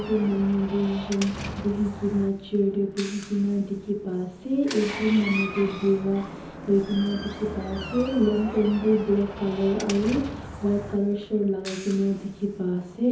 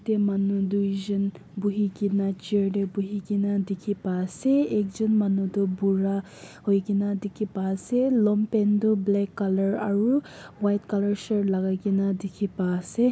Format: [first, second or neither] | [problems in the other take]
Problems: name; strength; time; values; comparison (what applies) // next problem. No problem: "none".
second | background sound (Door); 12 dB below the speech // room echo; dies away in 1.2 s